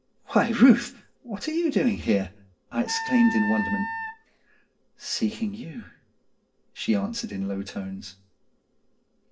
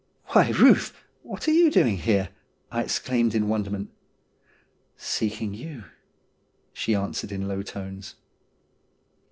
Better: second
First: background sound (Wind instrument, woodwind instrument); 5 dB below the speech // room echo; dies away in 0.2 s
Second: none

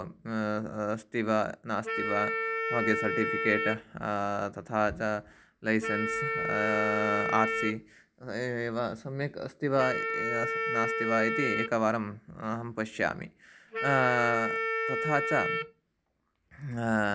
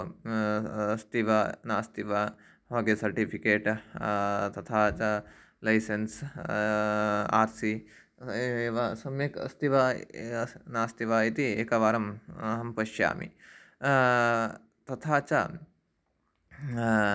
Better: second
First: background sound (Wind instrument, woodwind instrument); 3 dB below the speech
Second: none

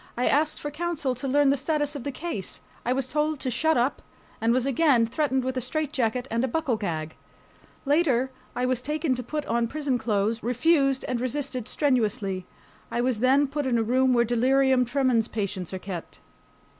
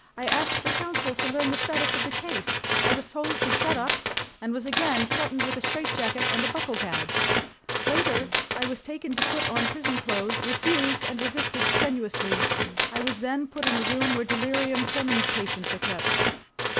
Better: first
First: none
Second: background sound (Tools); 3 dB above the speech

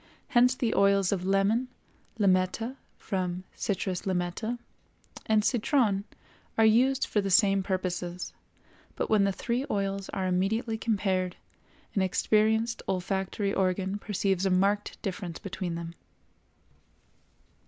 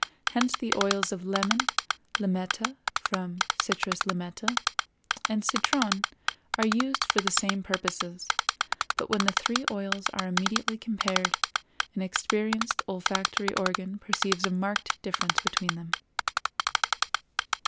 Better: first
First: none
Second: background sound (Typing); 2 dB above the speech

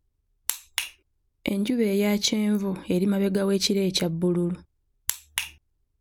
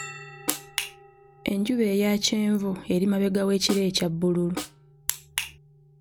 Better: first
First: none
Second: background sound (Snare drum + Bell); 16 dB below the speech

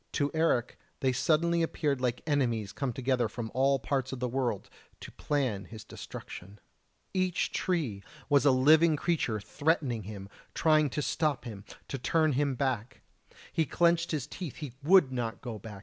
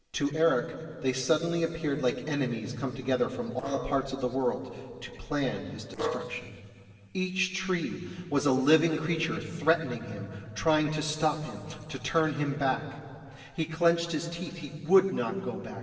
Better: first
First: none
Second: noise reduction (neural separator model SepFormer DNS4)

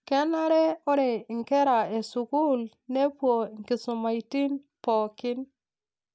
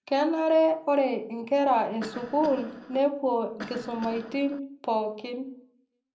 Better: first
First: none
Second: background sound (Cough); 16 dB below the speech // room echo; dies away in 0.5 s

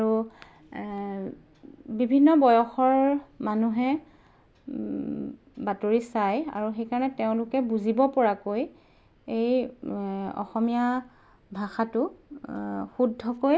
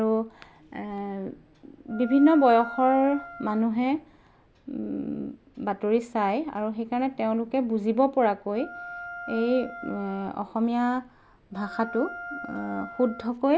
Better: first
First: none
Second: background sound (Wind instrument, woodwind instrument); 14 dB below the speech

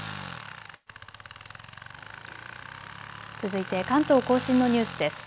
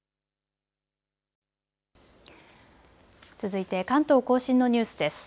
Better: second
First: background sound (Tools); 12 dB below the speech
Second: none

